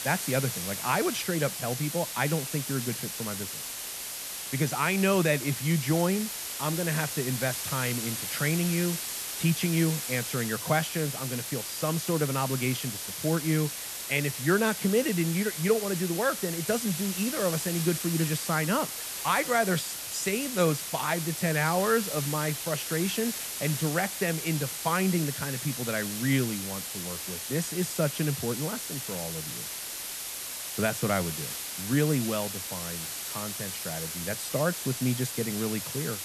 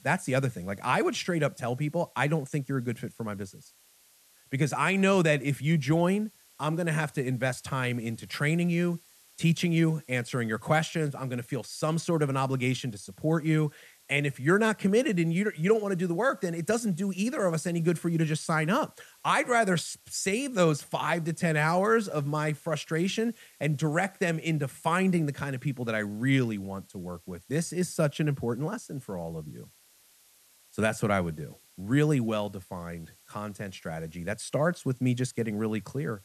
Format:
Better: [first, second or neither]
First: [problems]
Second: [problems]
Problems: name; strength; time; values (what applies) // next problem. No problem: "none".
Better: second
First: hiss; loud; throughout; 4 dB below the speech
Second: hiss; faint; throughout; 30 dB below the speech